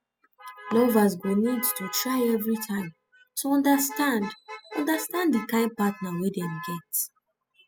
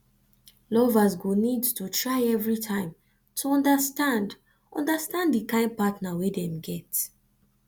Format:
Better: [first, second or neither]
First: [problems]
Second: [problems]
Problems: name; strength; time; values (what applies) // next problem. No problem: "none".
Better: second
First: noise reduction (classical method spectral subtraction)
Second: none